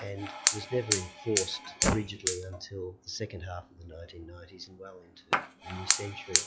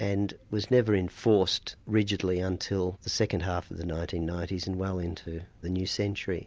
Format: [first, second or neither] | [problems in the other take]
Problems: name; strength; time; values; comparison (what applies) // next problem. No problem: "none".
second | noise reduction (classical method log-MMSE)